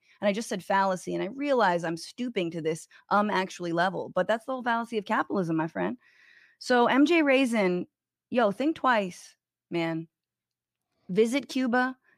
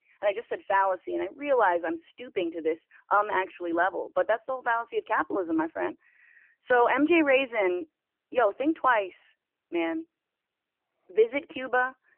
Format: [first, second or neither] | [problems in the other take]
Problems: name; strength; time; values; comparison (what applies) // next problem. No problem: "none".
first | phone-call audio; nothing above 3 kHz